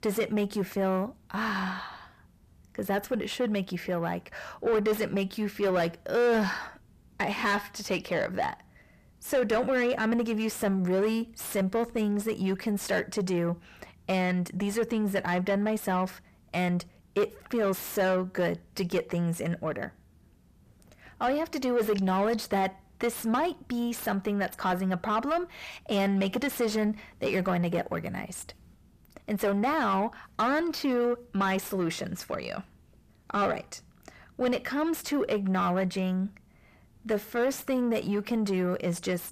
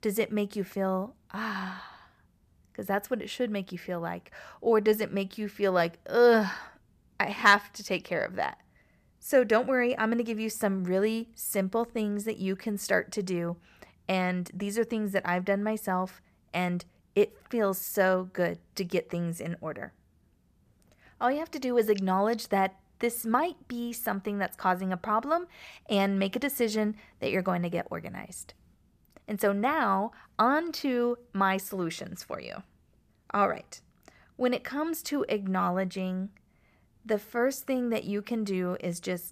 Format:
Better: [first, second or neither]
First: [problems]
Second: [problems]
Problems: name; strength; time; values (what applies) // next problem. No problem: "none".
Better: second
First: distortion; heavy; 8 dB below the speech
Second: none